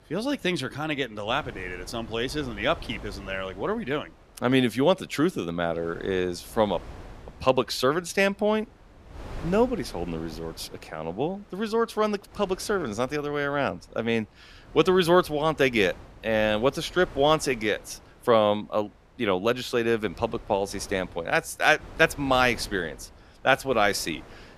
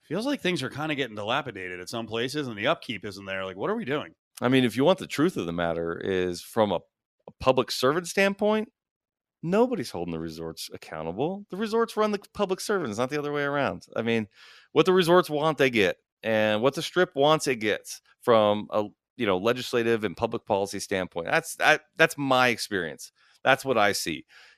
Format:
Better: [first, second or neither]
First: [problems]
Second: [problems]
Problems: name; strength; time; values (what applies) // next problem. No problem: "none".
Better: second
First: wind noise on the microphone; occasional gusts; 25 dB below the speech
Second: none